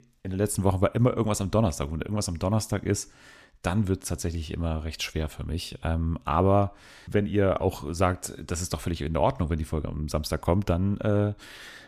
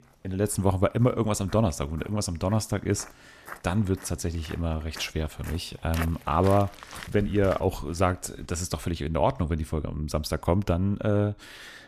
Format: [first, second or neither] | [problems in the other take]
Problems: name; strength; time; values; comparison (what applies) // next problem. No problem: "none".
first | footsteps; noticeable; from 1.5 to 8.5 s; peak 8 dB below the speech